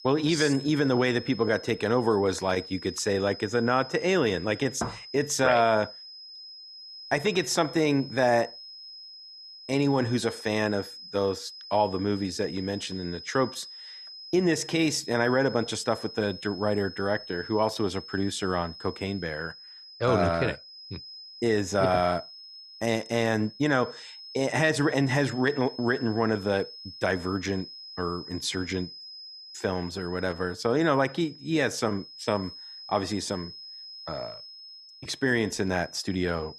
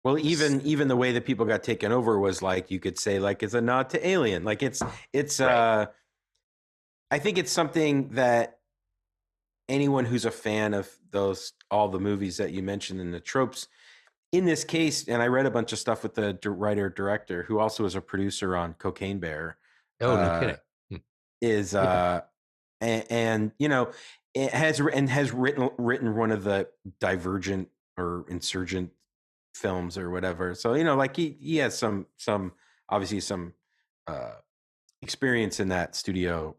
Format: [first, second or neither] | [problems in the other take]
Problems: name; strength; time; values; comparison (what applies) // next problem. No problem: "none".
second | high-pitched whine; noticeable; throughout; 5 kHz, 15 dB below the speech